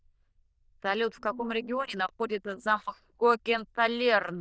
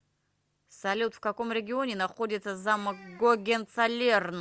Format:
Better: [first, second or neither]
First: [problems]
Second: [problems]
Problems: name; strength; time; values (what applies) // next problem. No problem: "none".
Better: second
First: noise reduction (neural diffusion model UNIVERSE++)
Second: none